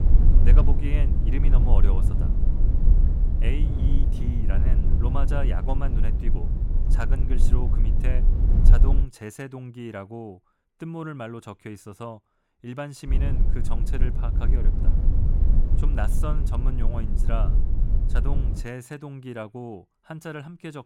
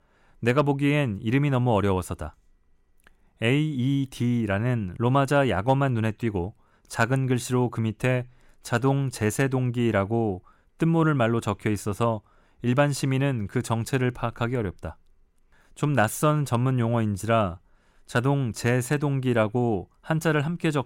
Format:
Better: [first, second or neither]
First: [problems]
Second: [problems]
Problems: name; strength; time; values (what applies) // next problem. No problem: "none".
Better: second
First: low rumble; loud; until 9 s and from 13 to 19 s; 3 dB below the speech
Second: none